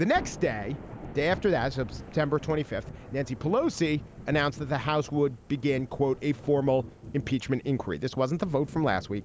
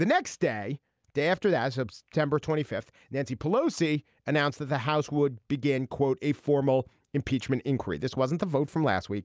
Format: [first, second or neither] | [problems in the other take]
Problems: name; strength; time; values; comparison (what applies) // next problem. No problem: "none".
second | background sound (Thunder / Rain); 15 dB below the speech